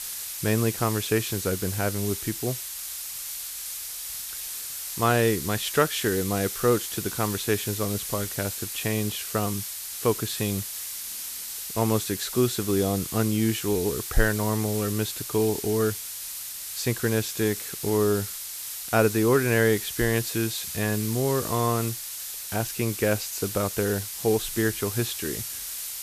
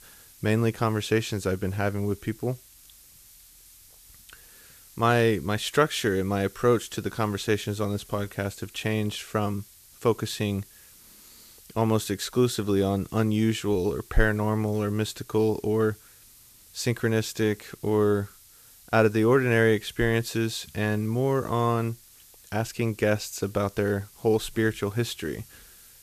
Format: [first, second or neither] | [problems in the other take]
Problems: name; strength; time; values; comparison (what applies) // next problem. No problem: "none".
second | hiss; loud; throughout; 5 dB below the speech; faint in the second